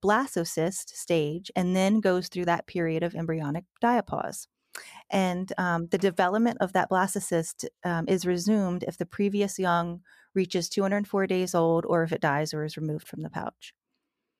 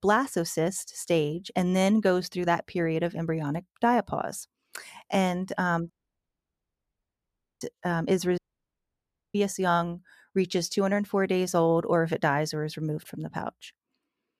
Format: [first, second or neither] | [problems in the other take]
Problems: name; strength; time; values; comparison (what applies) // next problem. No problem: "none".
first | audio cutting out; at 6 s for 1.5 s and at 8.5 s for 1 s